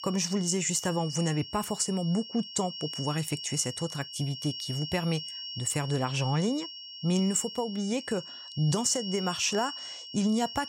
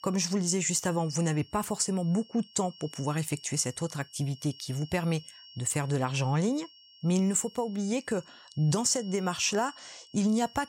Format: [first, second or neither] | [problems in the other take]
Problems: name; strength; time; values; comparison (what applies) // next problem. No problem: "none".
second | high-pitched whine; loud; throughout; 3 kHz, 9 dB below the speech; faint in the second